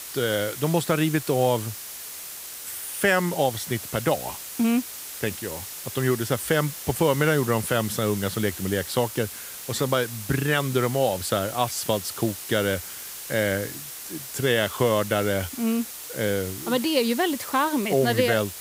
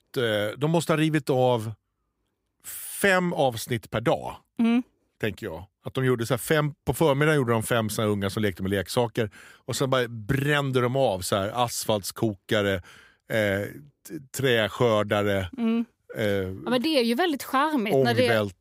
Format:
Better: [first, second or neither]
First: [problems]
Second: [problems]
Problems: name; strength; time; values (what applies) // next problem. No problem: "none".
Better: second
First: hiss; loud; throughout; 9 dB below the speech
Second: none